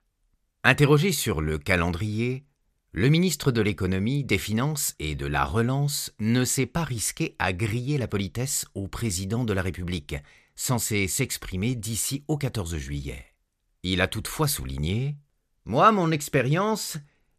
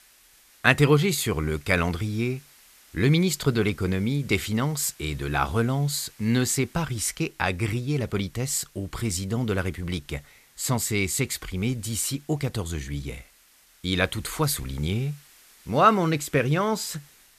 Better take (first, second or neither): first